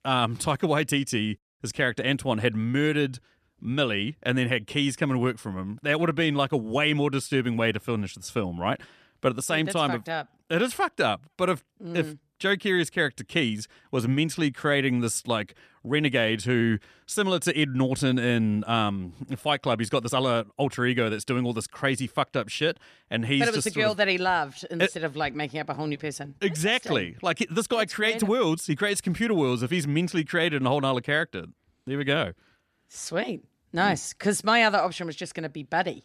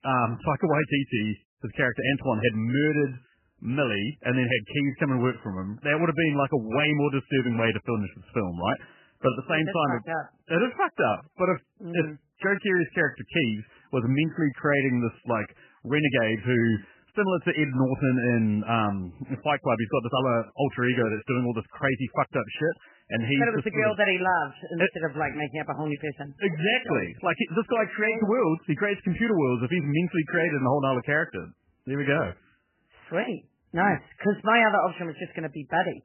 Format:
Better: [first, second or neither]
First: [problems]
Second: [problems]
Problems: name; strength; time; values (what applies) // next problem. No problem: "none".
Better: first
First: none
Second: garbled, watery; badly; nothing above 3 kHz